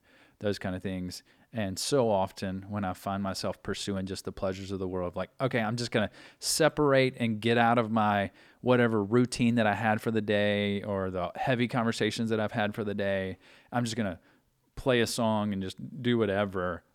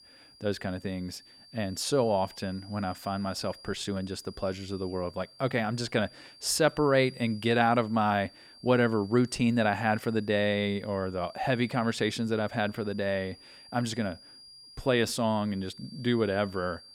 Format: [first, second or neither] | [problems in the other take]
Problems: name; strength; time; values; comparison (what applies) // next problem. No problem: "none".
first | high-pitched whine; faint; throughout; 4.5 kHz, 20 dB below the speech